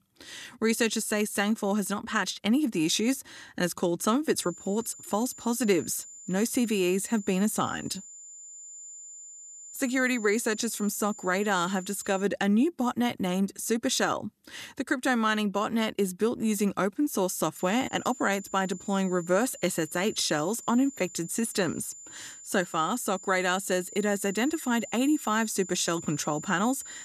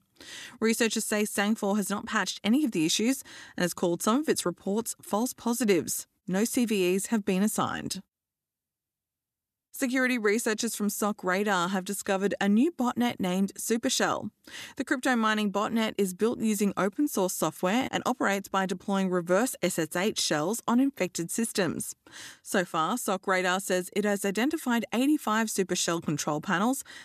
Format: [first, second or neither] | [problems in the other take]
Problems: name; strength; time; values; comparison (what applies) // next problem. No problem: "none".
second | high-pitched whine; noticeable; from 4.5 to 12 s and from 18 s on; 7 kHz, 15 dB below the speech